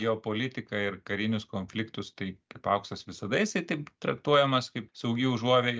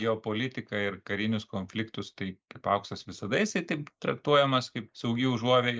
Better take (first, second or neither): first